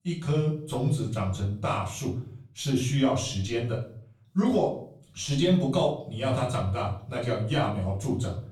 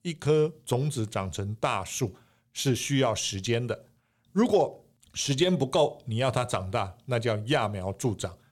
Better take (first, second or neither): second